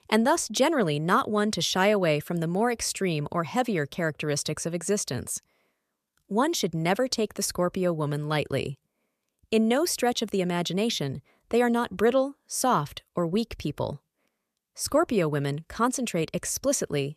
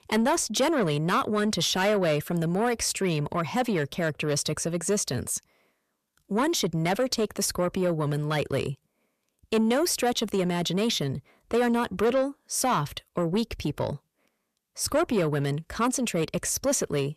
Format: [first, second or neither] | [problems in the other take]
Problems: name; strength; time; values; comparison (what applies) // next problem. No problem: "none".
first | distortion; slight; 10 dB below the speech